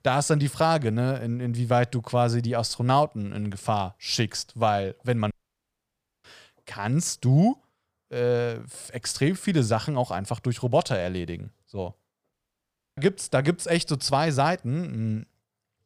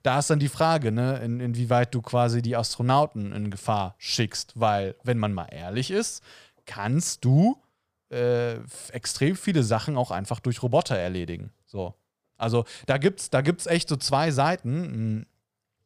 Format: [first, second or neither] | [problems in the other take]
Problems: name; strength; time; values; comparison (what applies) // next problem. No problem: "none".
second | audio cutting out; at 5.5 s for 1 s and at 12 s for 0.5 s